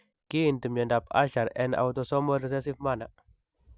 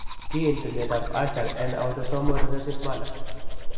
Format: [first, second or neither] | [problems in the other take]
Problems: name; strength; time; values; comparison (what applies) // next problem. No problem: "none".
first | background sound (Domestic sounds, home sounds); 5 dB above the speech // room echo; dies away in 2.1 s